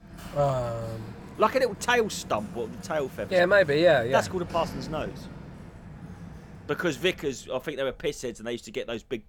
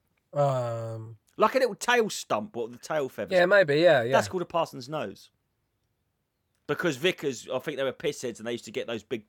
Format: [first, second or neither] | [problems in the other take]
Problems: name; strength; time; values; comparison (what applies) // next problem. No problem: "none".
second | household noises; noticeable; throughout; 15 dB below the speech